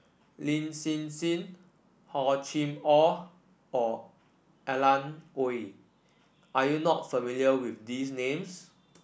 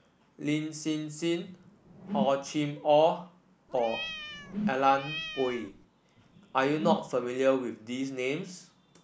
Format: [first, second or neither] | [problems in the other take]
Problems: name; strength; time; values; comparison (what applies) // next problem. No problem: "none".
first | background sound (Whoosh, swoosh, swish + Cat); 8 dB below the speech